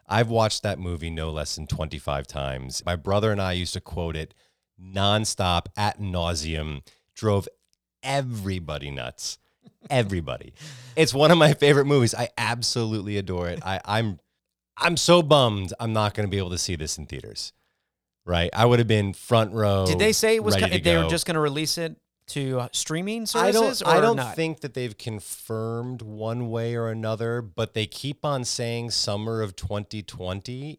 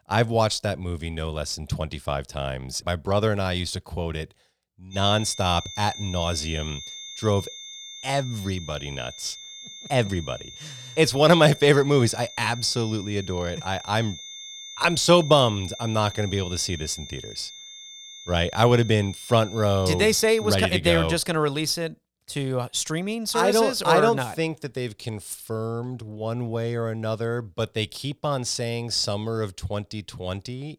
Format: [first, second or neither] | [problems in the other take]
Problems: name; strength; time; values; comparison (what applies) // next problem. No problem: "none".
first | high-pitched whine; noticeable; from 5 to 21 s; 3.5 kHz, 15 dB below the speech